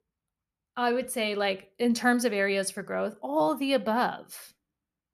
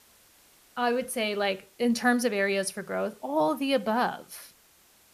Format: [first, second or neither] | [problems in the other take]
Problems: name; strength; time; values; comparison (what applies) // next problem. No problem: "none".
first | hiss; faint; throughout; 30 dB below the speech